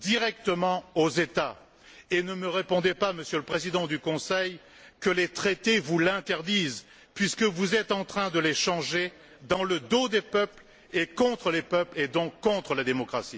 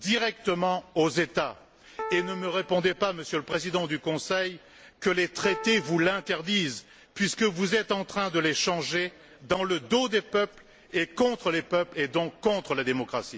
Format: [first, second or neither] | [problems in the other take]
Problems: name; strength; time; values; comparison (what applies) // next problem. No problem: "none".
first | background sound (Piano); 14 dB below the speech